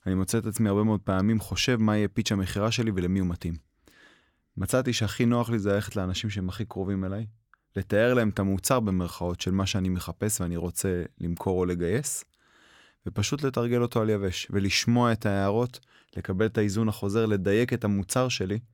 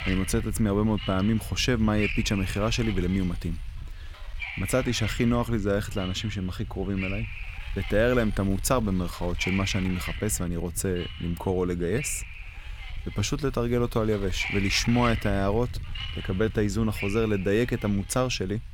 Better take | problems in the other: first | wind noise on the microphone; heavy; 7 dB below the speech

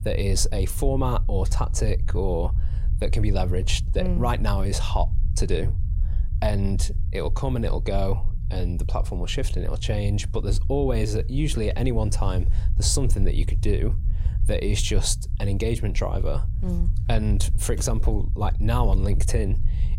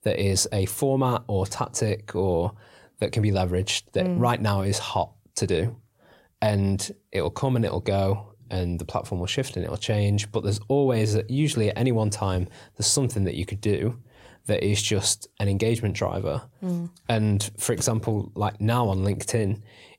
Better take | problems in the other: second | low rumble; noticeable; throughout; 15 dB below the speech

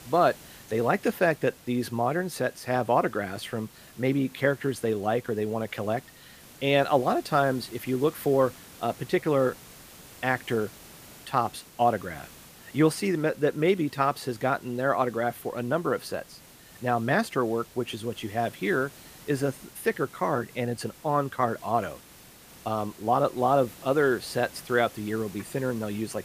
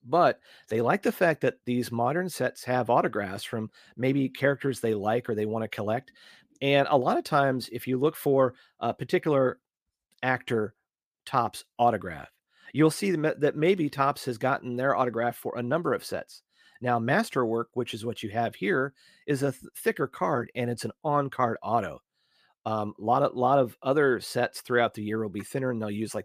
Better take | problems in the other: second | hiss; faint; throughout; 20 dB below the speech

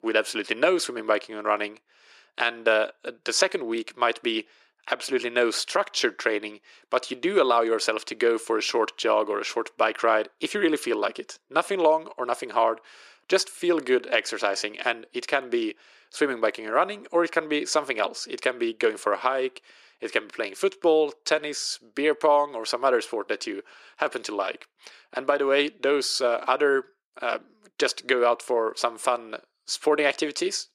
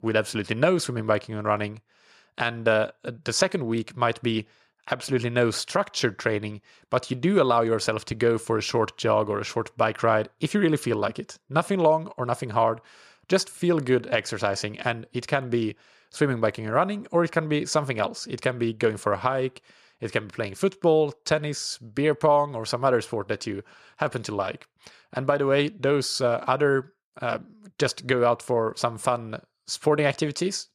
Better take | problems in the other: second | thin; somewhat; fading below 300 Hz

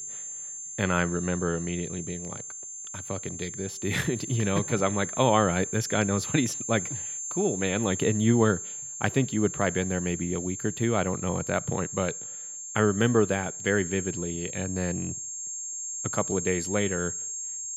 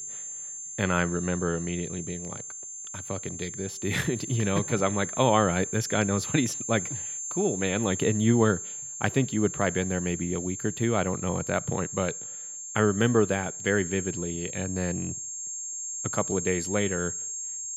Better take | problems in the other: neither | high-pitched whine; loud; throughout; 7.5 kHz, 6 dB below the speech; the same in both

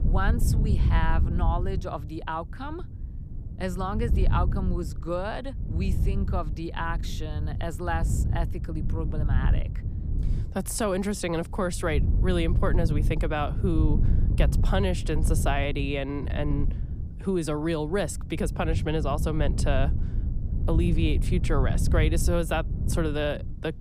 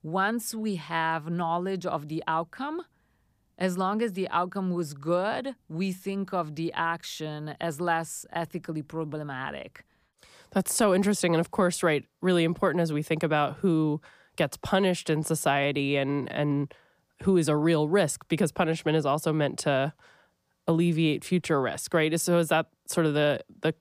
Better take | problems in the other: second | wind noise on the microphone; occasional gusts; 10 dB below the speech

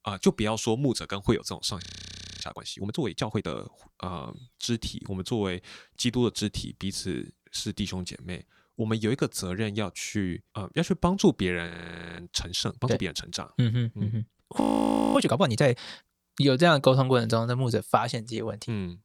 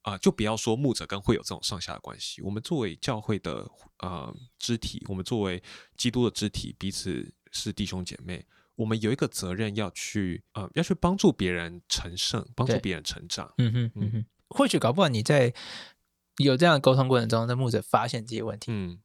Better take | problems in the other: second | audio freezing; at 2 s for 0.5 s, at 12 s for 0.5 s and at 15 s for 0.5 s

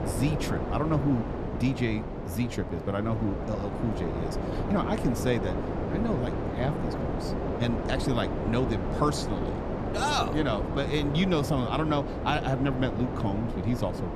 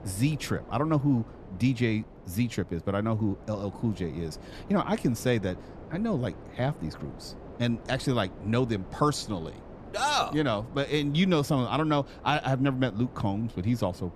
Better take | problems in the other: second | wind noise on the microphone; heavy; 3 dB below the speech; occasional gusts in the second

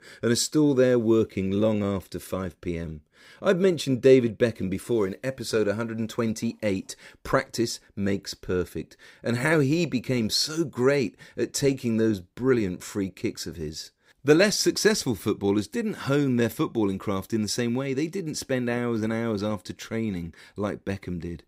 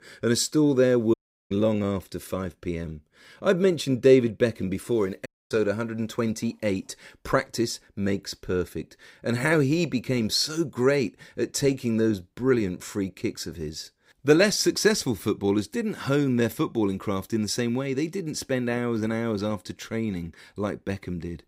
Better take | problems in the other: first | audio cutting out; at 1 s and at 5.5 s

